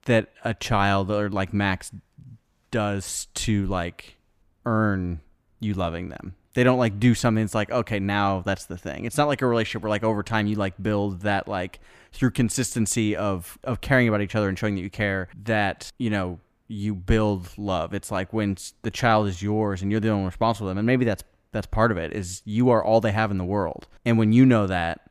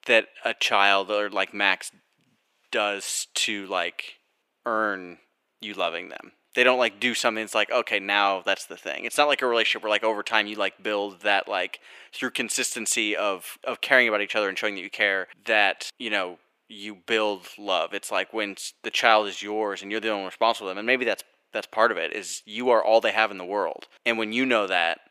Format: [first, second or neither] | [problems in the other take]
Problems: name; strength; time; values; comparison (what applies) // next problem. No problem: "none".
first | thin; very; fading below 400 Hz